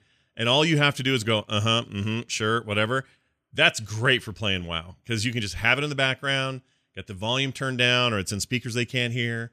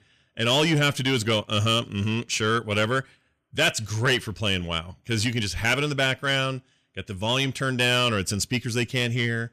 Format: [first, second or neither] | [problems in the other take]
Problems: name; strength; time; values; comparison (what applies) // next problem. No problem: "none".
first | distortion; slight; 10 dB below the speech